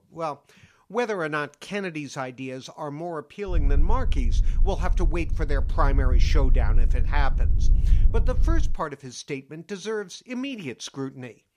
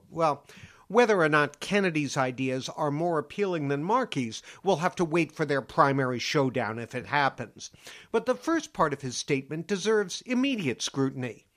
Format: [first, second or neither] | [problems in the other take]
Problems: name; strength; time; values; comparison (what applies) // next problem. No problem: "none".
second | wind noise on the microphone; occasional gusts; from 3.5 to 8.5 s; 15 dB below the speech